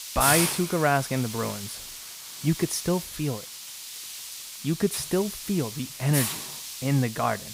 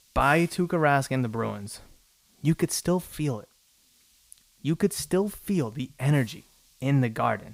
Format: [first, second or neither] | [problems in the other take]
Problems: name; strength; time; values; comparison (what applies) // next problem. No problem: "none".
second | hiss; loud; throughout; 5 dB below the speech; faint in the second